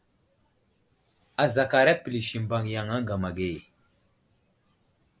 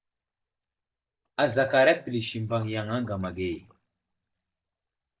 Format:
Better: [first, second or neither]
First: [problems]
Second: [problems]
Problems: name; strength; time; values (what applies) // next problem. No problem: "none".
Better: first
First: none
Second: noise reduction (neural mask model DeepFilterNet 3)